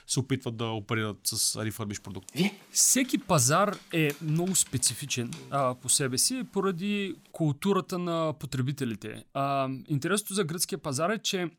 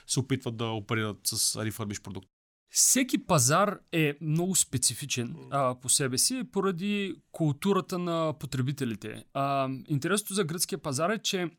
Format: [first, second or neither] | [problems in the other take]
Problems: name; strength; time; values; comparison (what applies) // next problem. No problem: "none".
second | dog barking; noticeable; from 2.5 to 5.5 s; peak 2 dB below the speech